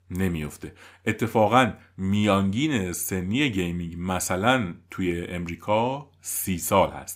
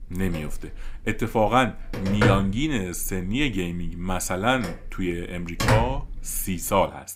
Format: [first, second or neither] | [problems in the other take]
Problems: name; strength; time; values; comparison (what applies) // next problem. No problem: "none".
first | phone ringing; loud; peak 3 dB above the speech